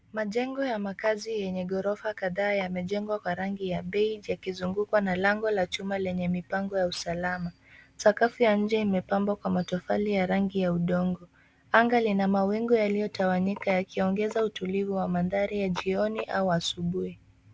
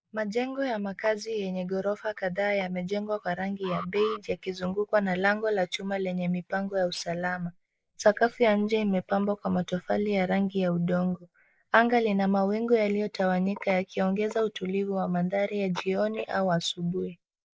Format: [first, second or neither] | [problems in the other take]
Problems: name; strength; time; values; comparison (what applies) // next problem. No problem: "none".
first | noise reduction (neural mask model Resemble Enhance denoiser)